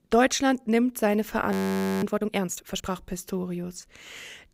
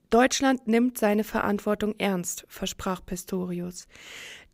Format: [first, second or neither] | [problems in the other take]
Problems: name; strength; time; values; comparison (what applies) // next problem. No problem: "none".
second | audio freezing; at 1.5 s for 0.5 s